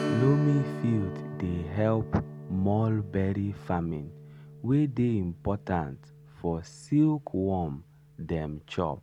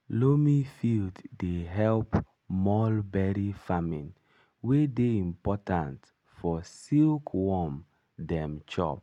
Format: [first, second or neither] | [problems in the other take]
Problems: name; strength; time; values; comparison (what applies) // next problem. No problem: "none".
second | background sound (Strum); 11 dB below the speech